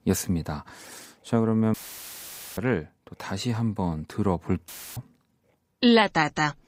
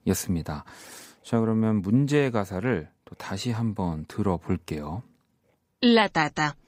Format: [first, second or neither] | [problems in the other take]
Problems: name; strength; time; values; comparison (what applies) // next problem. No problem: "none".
second | audio cutting out; filled with static; at 1.5 s for 1 s and at 4.5 s